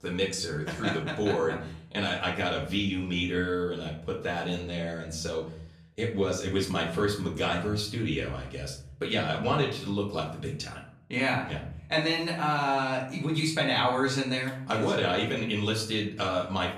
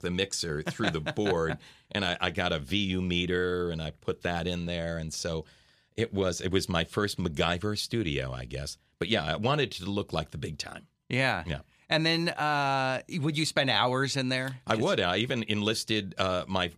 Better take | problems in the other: second | off-mic speech; far // room echo; slight; dies away in 0.5 s

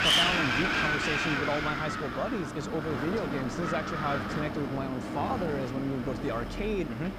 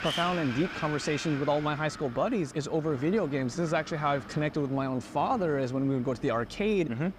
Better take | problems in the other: second | wind noise on the microphone; heavy; 5 dB above the speech; occasional gusts in the second

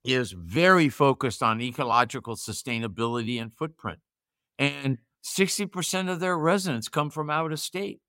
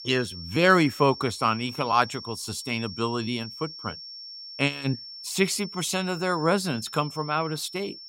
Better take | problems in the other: first | high-pitched whine; noticeable; throughout; 5.5 kHz, 10 dB below the speech

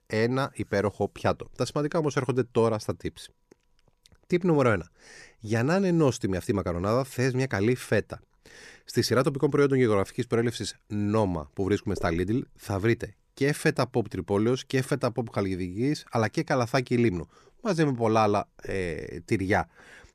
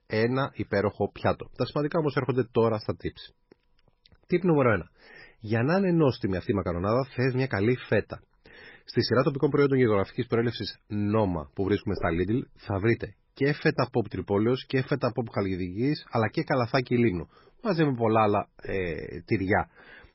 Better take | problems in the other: first | garbled, watery; badly; nothing above 5.5 kHz

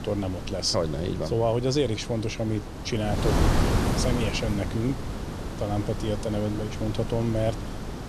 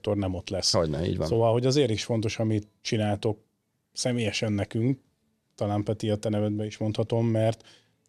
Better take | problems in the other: second | wind noise on the microphone; heavy; 5 dB below the speech

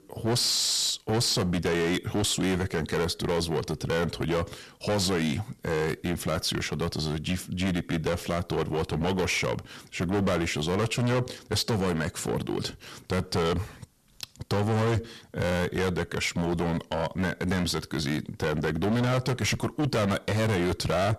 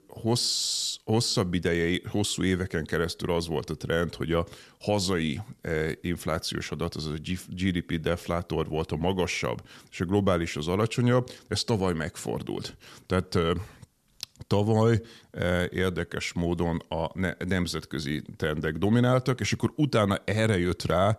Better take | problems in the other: second | distortion; heavy; 19% of the sound clipped

